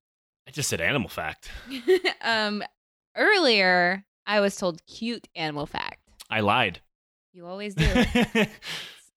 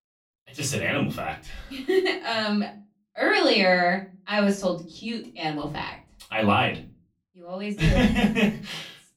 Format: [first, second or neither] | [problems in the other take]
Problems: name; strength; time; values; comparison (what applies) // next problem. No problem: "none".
first | off-mic speech; far // room echo; very slight; dies away in 0.3 s